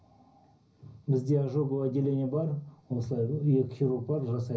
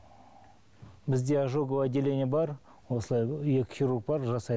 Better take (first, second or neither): second